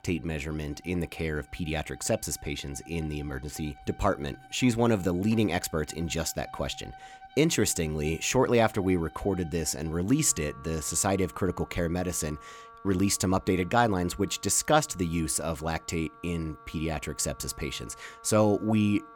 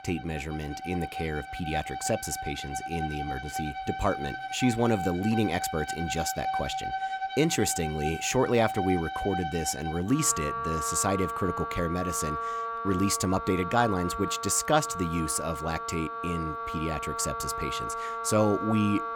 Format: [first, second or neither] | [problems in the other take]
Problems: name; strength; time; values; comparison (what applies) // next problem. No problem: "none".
first | background music; loud; throughout; 5 dB below the speech; faint in the first